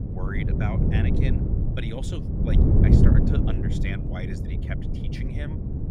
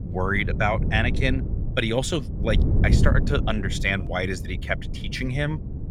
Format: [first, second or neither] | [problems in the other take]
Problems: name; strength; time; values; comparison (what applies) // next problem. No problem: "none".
second | wind noise on the microphone; heavy; 4 dB above the speech; occasional gusts in the second